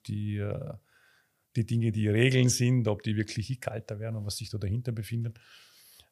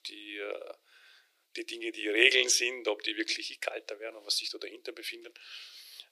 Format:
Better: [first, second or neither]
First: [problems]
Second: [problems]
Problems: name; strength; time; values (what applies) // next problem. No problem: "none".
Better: first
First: none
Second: thin; very; fading below 350 Hz